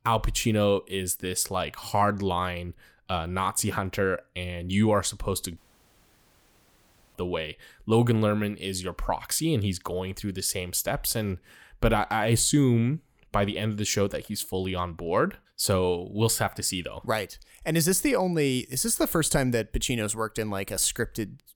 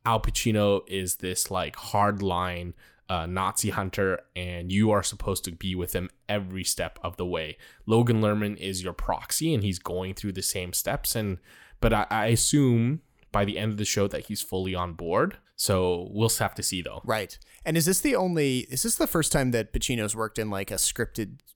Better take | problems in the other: second | audio cutting out; at 5.5 s for 1.5 s

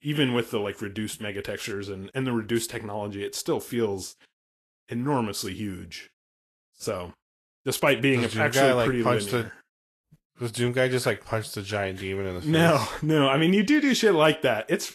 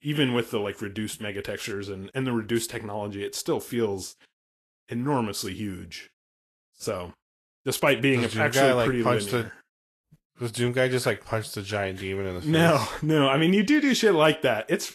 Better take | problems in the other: neither | garbled, watery; slightly; nothing above 13 kHz; the same in both

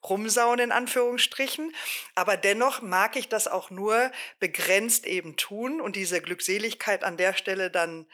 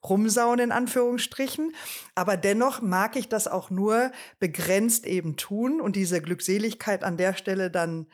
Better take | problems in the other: second | thin; somewhat; fading below 400 Hz

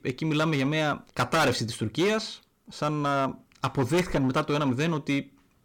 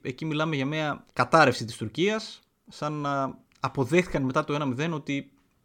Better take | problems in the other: second | distortion; heavy; 9% of the sound clipped

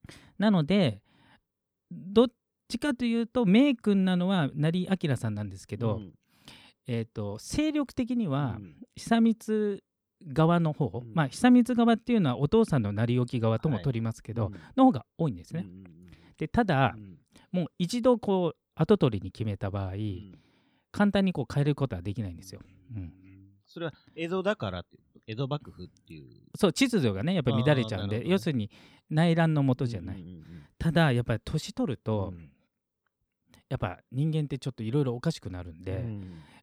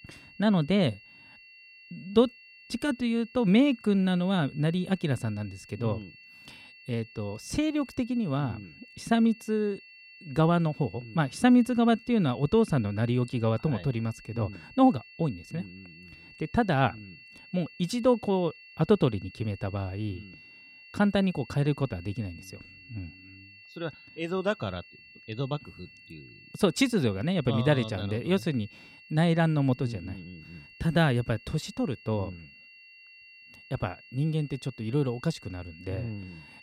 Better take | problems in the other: first | high-pitched whine; faint; throughout; 2.5 kHz, 20 dB below the speech

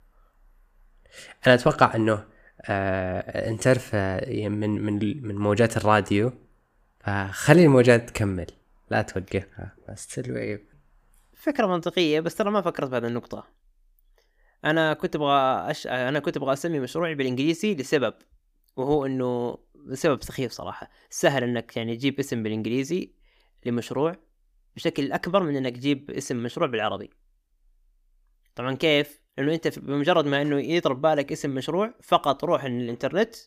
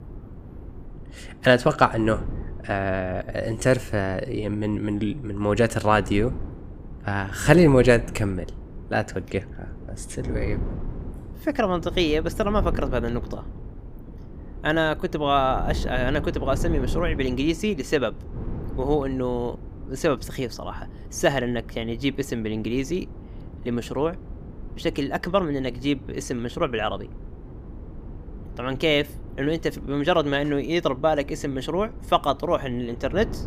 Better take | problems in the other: first | wind noise on the microphone; occasional gusts; 20 dB below the speech

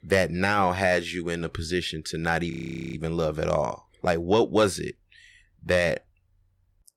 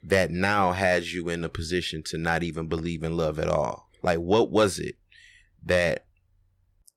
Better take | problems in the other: second | audio freezing; at 2.5 s

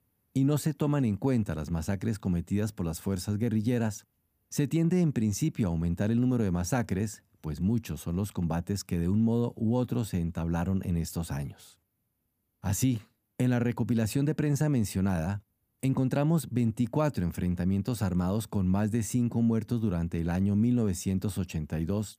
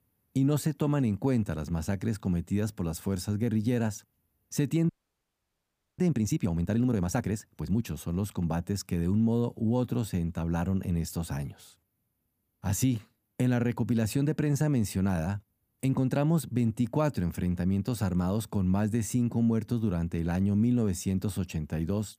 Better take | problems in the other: first | audio freezing; at 5 s for 1 s

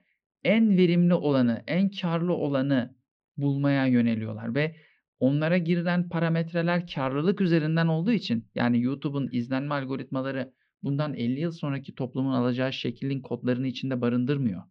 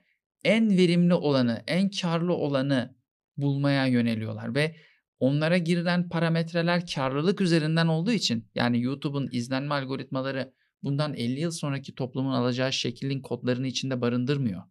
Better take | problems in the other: second | muffled; slightly; fading above 3 kHz

